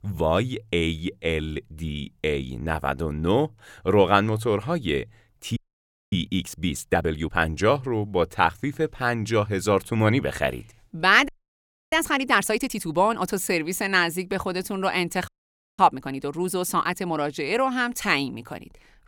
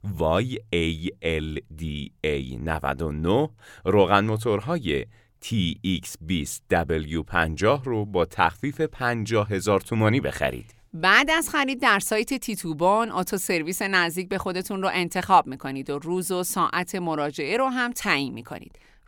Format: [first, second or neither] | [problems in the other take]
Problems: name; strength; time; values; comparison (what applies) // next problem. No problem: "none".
second | audio freezing; at 5.5 s for 0.5 s, at 11 s for 0.5 s and at 15 s for 0.5 s